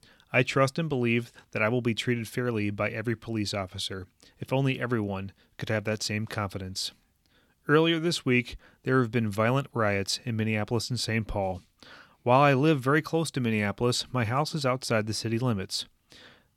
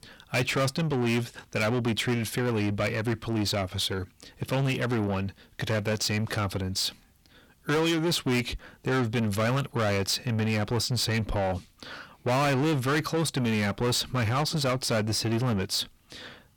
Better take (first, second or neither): first